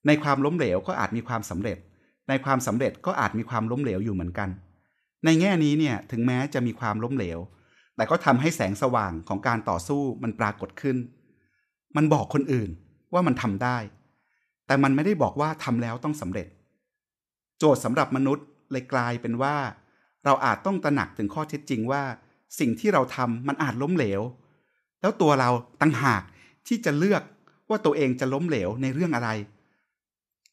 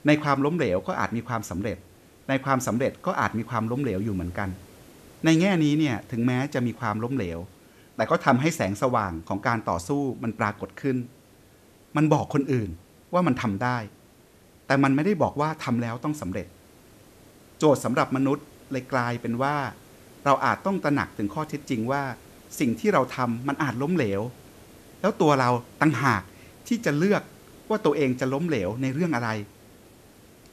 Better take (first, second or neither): first